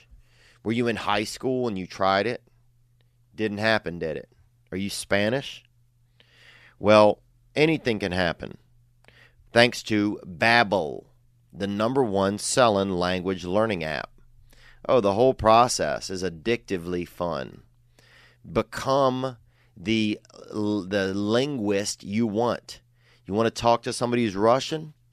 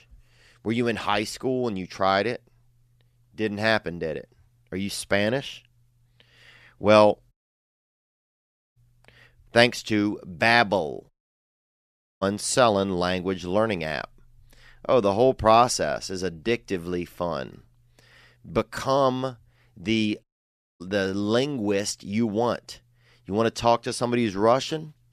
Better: first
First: none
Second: audio cutting out; at 7.5 s for 1.5 s, at 11 s for 1 s and at 20 s for 0.5 s

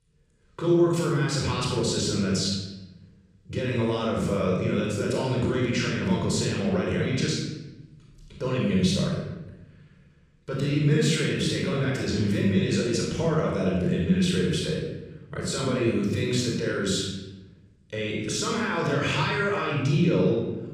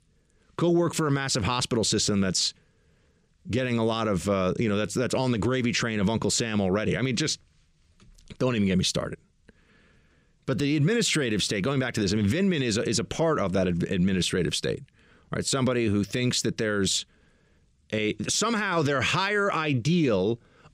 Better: second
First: off-mic speech; far // room echo; strong; dies away in 1 s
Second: none

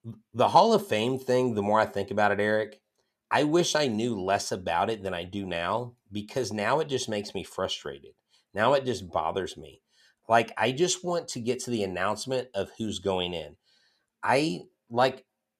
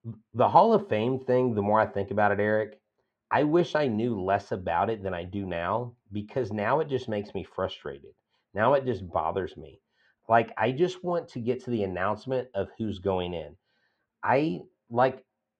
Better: first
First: none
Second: muffled; very; fading above 2 kHz

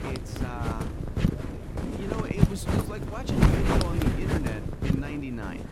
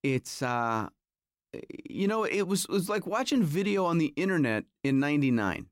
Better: second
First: wind noise on the microphone; heavy; 4 dB above the speech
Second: none

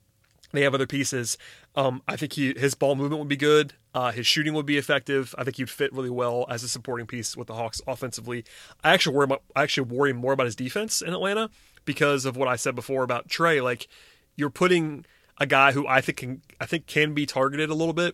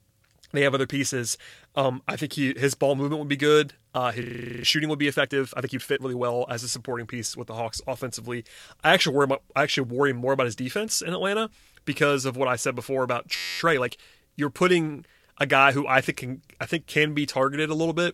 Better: first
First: none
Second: audio freezing; at 4 s and at 13 s

